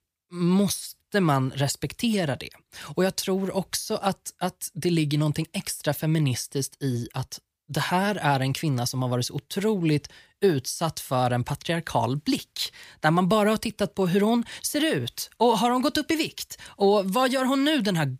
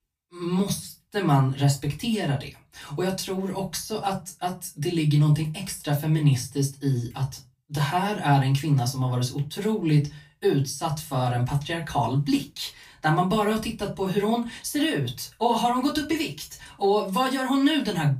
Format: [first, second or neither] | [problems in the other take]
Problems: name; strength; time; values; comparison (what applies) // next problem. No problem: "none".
first | off-mic speech; far // room echo; very slight; dies away in 0.2 s